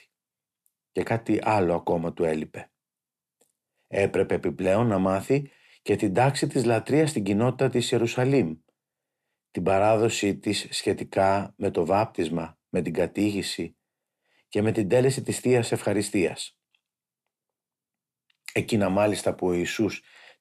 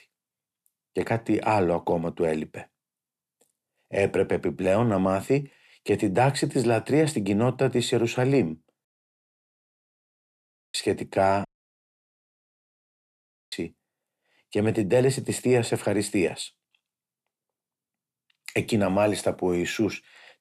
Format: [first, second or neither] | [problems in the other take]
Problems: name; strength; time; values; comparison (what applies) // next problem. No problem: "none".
first | audio cutting out; at 9 s for 2 s and at 11 s for 2 s